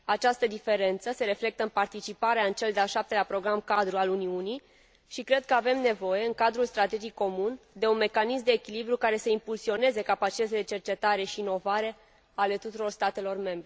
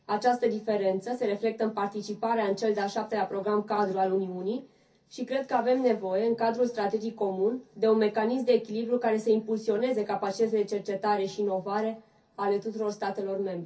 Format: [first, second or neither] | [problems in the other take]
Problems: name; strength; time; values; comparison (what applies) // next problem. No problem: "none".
first | room echo; dies away in 0.3 s